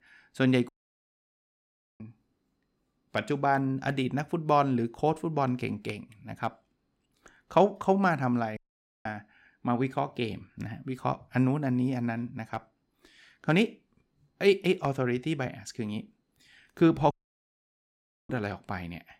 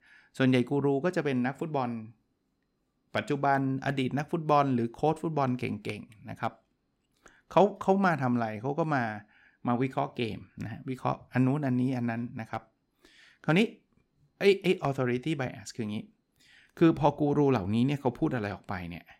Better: second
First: audio cutting out; at 0.5 s for 1.5 s, at 8.5 s and at 17 s for 1 s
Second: none

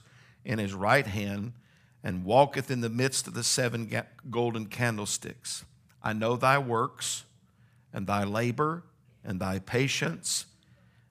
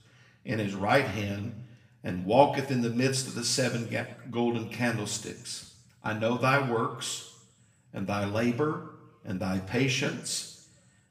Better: first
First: none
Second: room echo; slight; dies away in 0.7 s // off-mic speech; somewhat distant

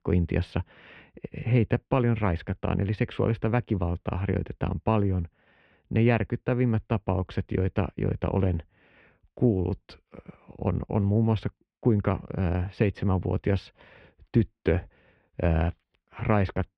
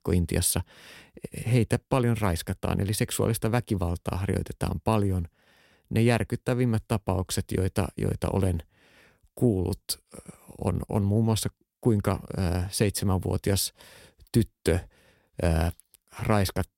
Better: second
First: muffled; very; fading above 2.5 kHz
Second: none

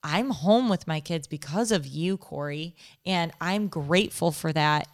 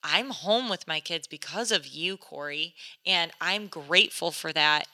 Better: first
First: none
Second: thin; somewhat; fading below 350 Hz

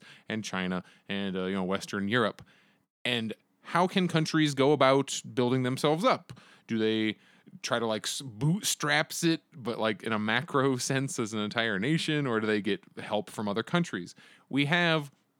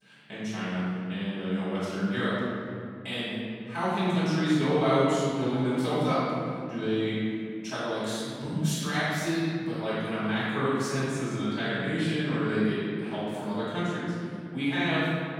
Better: first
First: none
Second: off-mic speech; far // room echo; strong; dies away in 2.7 s

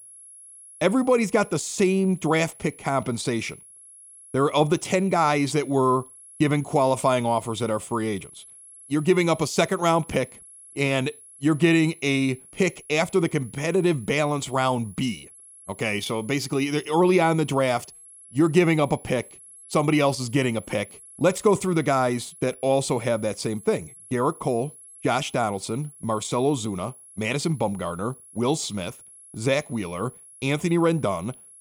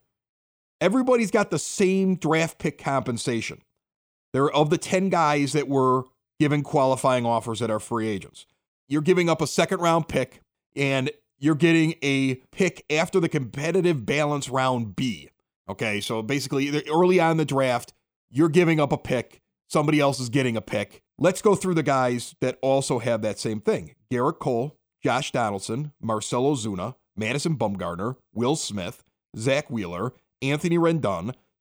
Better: second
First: high-pitched whine; faint; throughout; 11 kHz, 20 dB below the speech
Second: none

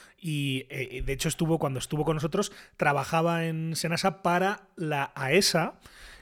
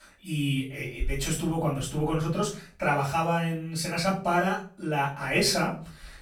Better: first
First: none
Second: off-mic speech; far // room echo; slight; dies away in 0.3 s

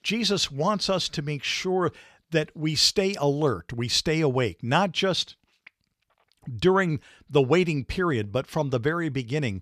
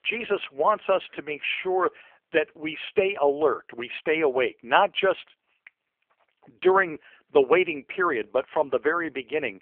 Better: first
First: none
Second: phone-call audio; poor line; nothing above 3 kHz

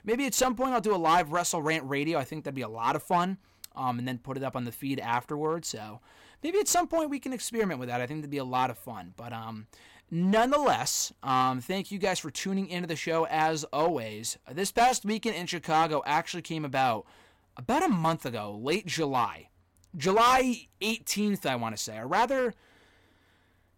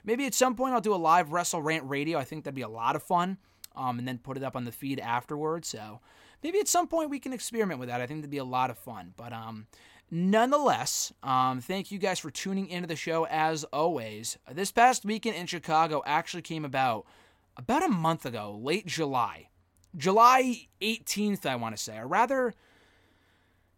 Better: second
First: distortion; slight; 3% of the sound clipped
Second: none

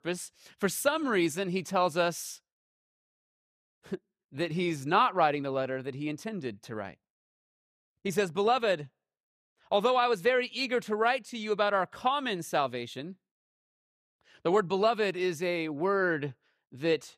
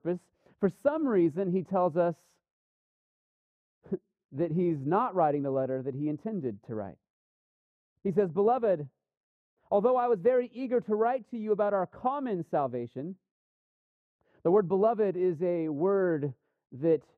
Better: first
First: none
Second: muffled; very; fading above 1.5 kHz

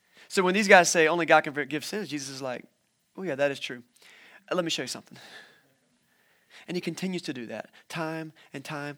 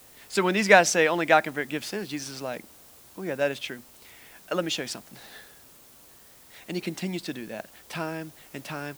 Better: first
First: none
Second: hiss; faint; throughout; 25 dB below the speech

